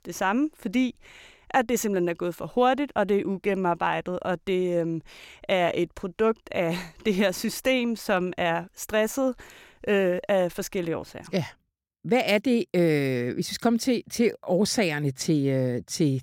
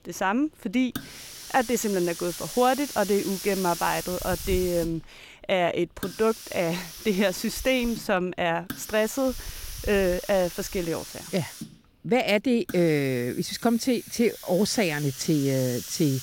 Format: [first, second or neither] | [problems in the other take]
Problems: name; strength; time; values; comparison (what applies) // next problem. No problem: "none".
first | hiss; noticeable; throughout; 10 dB below the speech